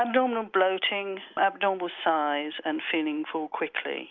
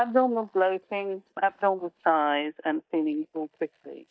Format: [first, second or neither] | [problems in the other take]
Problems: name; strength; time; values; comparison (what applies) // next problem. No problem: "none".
first | noise reduction (neural mask model DeepFilterNet 3)